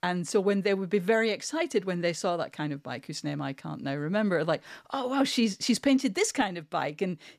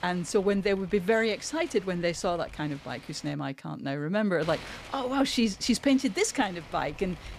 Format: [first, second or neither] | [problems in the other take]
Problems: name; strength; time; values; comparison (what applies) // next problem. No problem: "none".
first | wind noise on the microphone; occasional gusts; until 3.5 s and from 4.5 s on; 20 dB below the speech